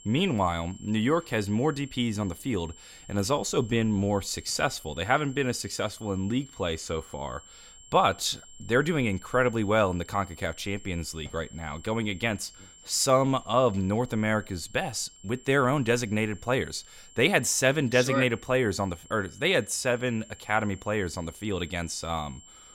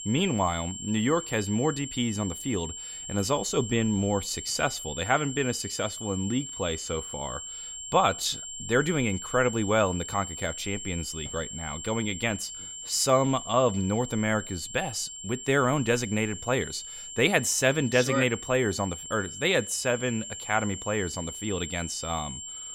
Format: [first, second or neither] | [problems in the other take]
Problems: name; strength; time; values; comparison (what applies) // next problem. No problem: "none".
first | high-pitched whine; loud; throughout; 7.5 kHz, 9 dB below the speech; faint in the first